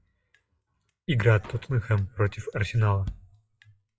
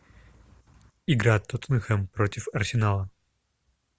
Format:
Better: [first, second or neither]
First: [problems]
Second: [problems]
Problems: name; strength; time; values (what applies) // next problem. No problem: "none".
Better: second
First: noise reduction (classical method WPE with log-MMSE)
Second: none